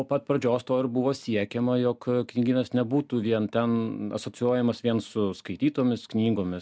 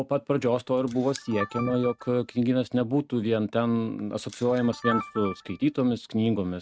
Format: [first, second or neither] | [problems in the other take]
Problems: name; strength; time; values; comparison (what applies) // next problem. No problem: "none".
first | noise reduction (neural mask model RNNoise)